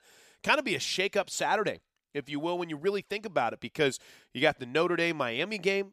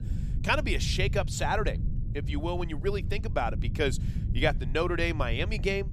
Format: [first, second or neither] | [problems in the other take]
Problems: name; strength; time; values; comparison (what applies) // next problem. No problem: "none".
first | low rumble; noticeable; throughout; 15 dB below the speech